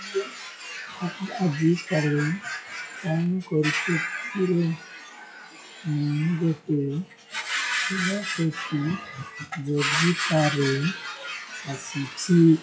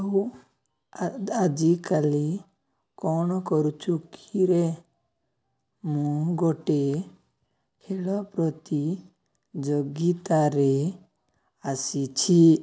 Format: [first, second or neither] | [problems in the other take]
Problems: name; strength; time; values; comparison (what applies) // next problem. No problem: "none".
second | noise reduction (classical method WPE with log-MMSE)